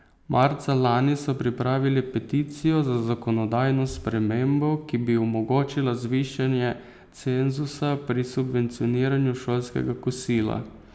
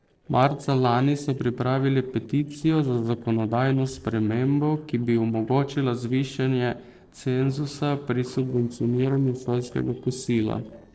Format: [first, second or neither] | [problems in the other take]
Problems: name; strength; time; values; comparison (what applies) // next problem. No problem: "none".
first | noise reduction (neural separator model SepFormer DNS4)